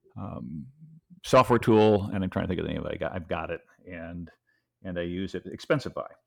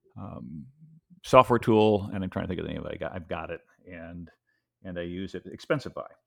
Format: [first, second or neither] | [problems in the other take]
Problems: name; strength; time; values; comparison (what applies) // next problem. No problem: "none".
second | distortion; slight; 10 dB below the speech